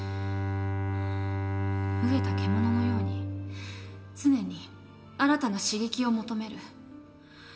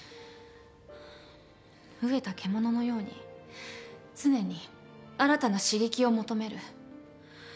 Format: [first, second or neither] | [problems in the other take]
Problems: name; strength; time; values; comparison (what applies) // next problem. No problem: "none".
second | background sound (Bowed string instrument); as loud as the speech // room echo; dies away in 0.5 s